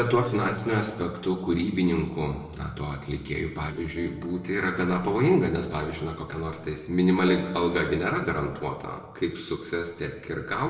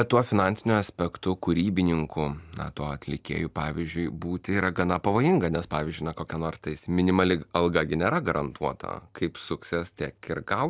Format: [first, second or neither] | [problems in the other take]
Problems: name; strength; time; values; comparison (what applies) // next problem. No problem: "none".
second | noise reduction (neural separator model SepFormer DNS4)